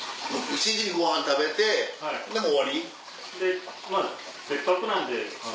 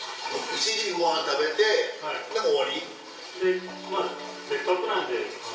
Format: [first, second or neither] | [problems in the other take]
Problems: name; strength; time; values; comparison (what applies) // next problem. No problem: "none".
first | background sound (Guitar); 17 dB below the speech // room echo; dies away in 1.9 s